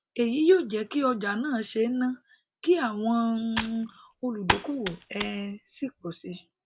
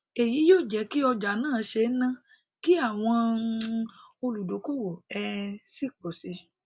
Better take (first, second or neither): second